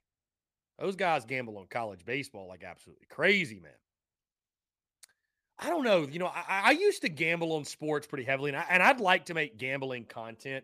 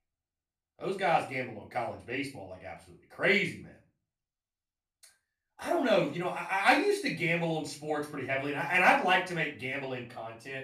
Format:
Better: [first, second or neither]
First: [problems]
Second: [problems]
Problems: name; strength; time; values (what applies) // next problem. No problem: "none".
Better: first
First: none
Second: off-mic speech; far // room echo; slight; dies away in 0.3 s